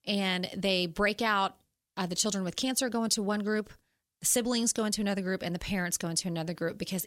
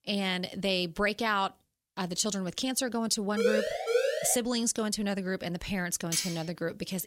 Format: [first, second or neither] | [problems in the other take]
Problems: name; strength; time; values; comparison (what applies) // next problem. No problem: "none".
first | siren; loud; at 3.5 s; peak 2 dB above the speech // clattering dishes; noticeable; at 6 s; peak 3 dB below the speech